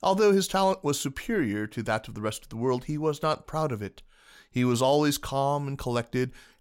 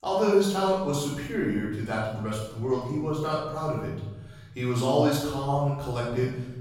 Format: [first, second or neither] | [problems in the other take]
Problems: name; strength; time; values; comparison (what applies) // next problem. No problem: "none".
first | off-mic speech; far // room echo; noticeable; dies away in 1.1 s